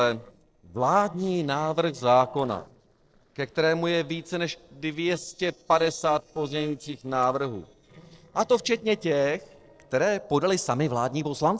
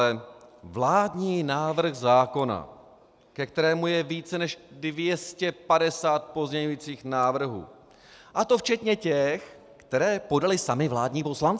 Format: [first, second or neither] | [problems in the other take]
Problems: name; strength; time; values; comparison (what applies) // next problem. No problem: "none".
second | noise reduction (neural separator model SepFormer DNS4)